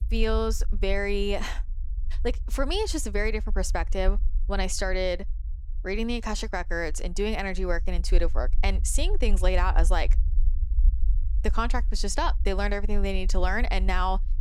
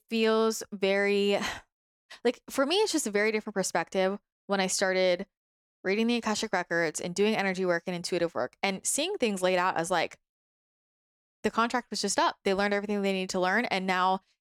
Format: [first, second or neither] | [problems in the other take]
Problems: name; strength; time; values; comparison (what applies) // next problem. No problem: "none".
second | low rumble; faint; throughout; 25 dB below the speech